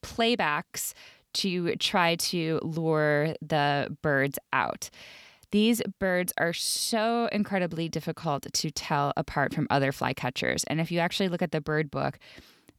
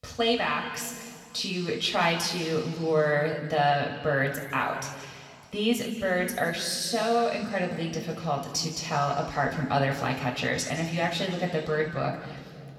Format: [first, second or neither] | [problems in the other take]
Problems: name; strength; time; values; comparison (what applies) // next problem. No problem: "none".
first | room echo; noticeable; dies away in 2.2 s // off-mic speech; somewhat distant